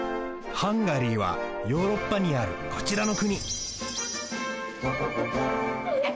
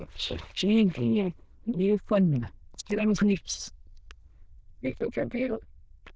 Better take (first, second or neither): first